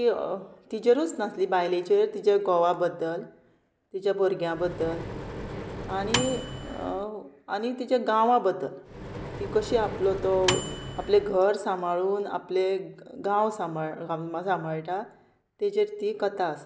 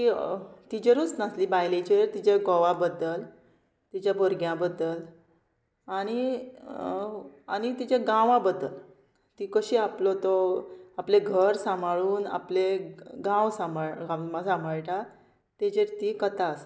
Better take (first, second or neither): second